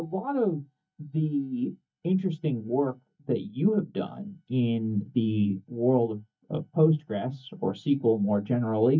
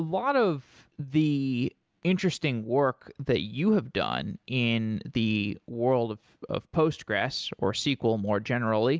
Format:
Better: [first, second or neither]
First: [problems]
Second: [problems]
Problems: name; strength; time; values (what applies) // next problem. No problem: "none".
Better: second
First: noise reduction (neural mask model DeepFilterNet 3)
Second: none